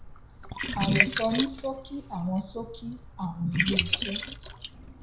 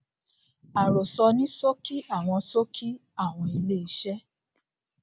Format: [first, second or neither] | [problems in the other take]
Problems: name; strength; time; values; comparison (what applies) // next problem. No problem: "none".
second | background sound (Liquid); 1 dB below the speech // room echo; dies away in 0.4 s